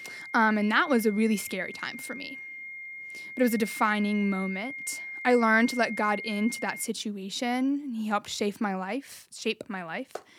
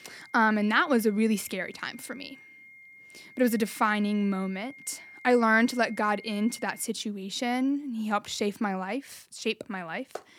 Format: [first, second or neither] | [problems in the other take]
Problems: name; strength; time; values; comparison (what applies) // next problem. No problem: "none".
second | high-pitched whine; loud; until 7 s; 2 kHz, 10 dB below the speech; faint in the second